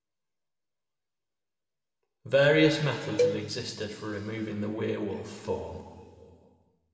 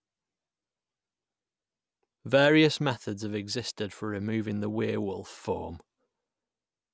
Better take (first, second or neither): second